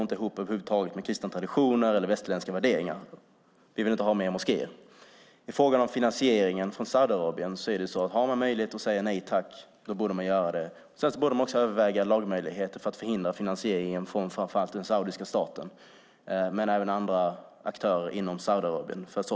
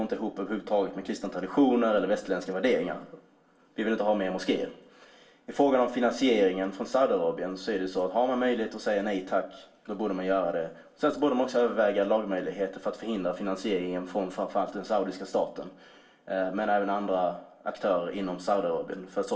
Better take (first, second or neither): first